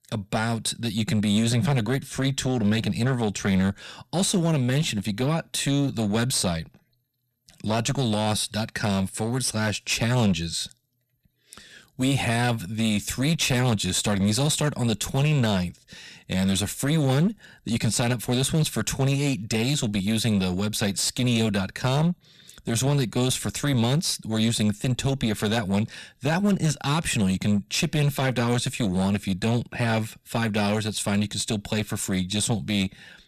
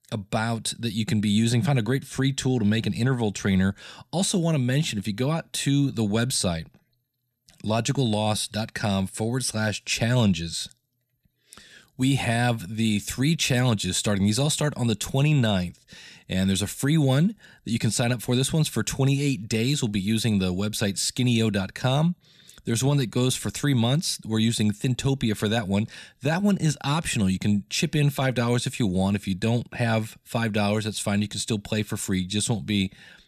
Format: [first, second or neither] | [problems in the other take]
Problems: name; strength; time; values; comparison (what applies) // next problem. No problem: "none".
second | distortion; slight; 10% of the sound clipped